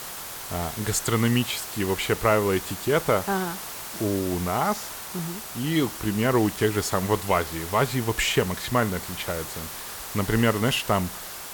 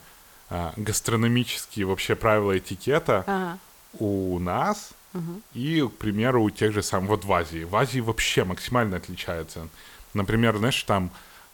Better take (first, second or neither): second